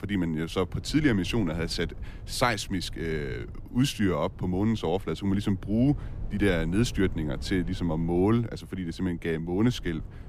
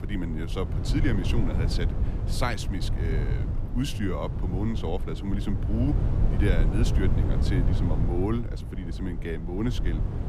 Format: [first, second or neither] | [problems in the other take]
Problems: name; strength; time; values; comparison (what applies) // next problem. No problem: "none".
first | low rumble; loud; throughout; 5 dB below the speech; faint in the first